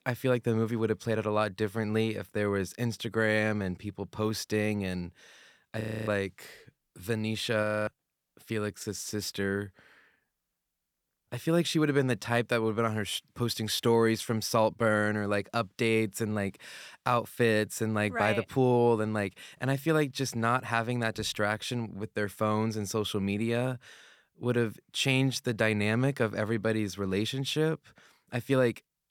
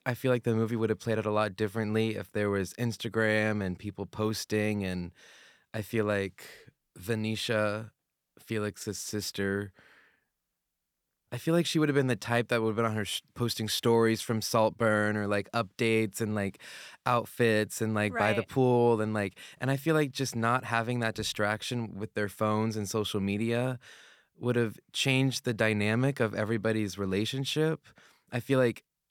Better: second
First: audio freezing; at 6 s and at 7.5 s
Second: none

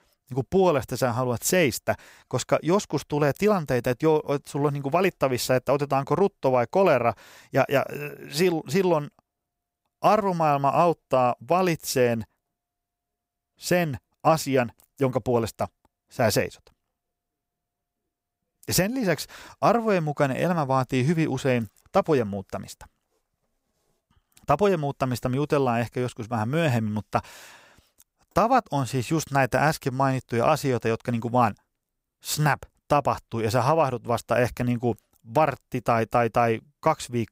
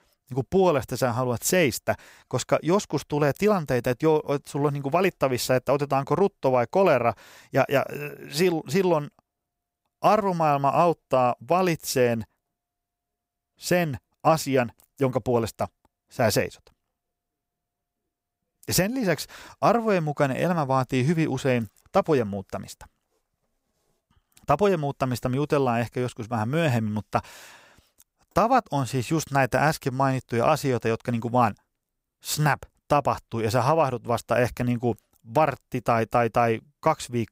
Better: neither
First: none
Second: none

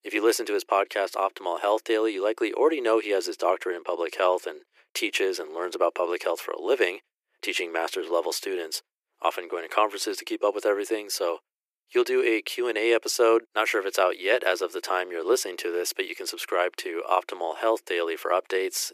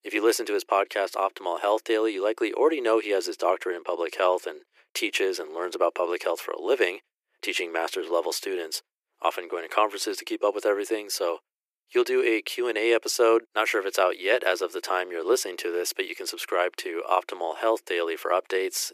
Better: neither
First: thin; very; fading below 350 Hz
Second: thin; very; fading below 350 Hz

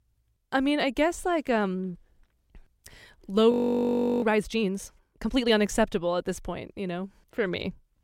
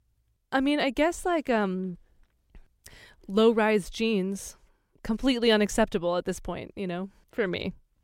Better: second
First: audio freezing; at 3.5 s for 0.5 s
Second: none

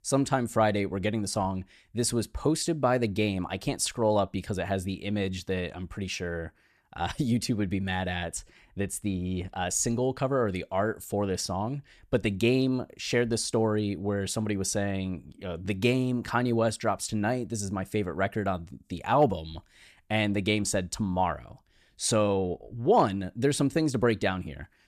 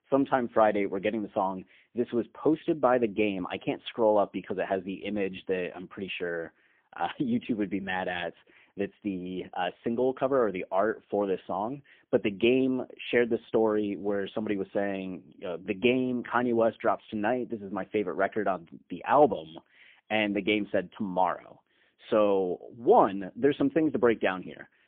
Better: first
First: none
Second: phone-call audio; poor line; nothing above 3.5 kHz

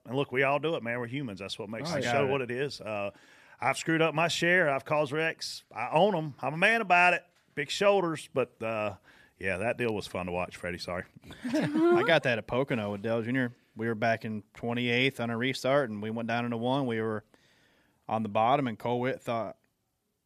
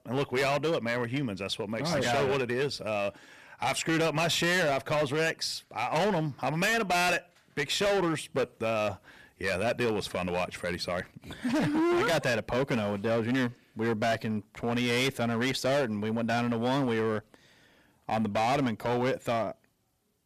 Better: first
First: none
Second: distortion; heavy; 16% of the sound clipped

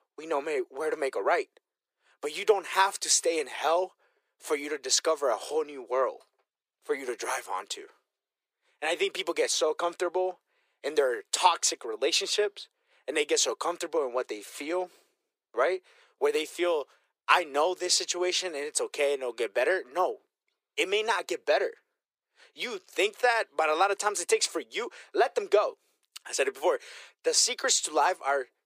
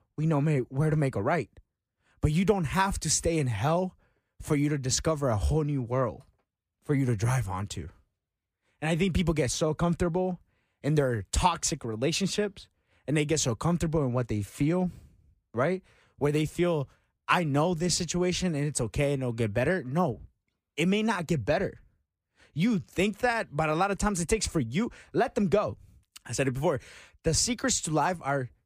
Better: second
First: thin; very; fading below 400 Hz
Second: none

